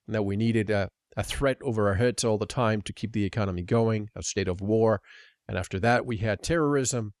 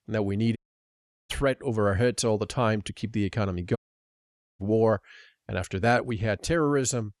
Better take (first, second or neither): first